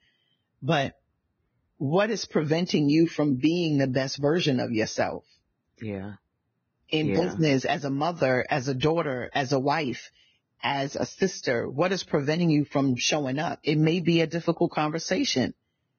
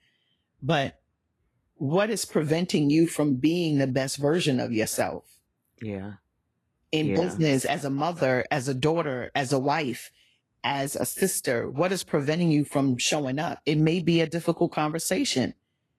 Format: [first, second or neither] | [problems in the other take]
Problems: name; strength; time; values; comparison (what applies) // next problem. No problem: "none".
second | garbled, watery; badly; nothing above 6.5 kHz; slightly in the second